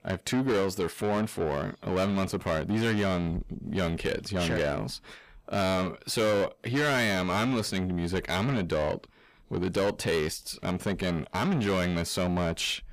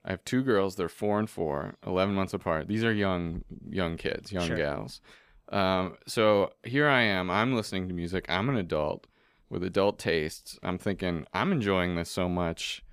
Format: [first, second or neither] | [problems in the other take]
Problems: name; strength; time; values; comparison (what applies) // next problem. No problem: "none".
second | distortion; heavy; 7 dB below the speech